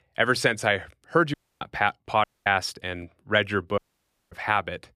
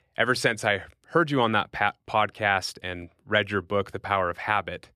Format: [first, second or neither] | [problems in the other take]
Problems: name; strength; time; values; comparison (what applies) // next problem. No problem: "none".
second | audio cutting out; at 1.5 s, at 2 s and at 4 s for 0.5 s